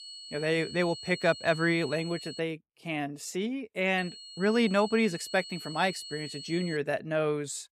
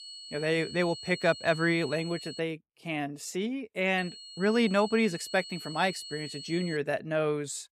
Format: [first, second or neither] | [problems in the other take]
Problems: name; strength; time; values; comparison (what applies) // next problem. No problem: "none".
neither | high-pitched whine; noticeable; until 2.5 s and from 4 to 7 s; 4.5 kHz, 10 dB below the speech; the same in both